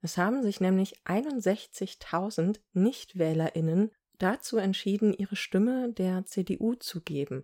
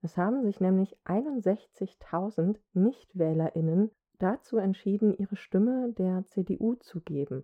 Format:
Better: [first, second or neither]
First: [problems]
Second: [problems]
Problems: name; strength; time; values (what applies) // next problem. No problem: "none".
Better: first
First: none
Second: muffled; very; fading above 2 kHz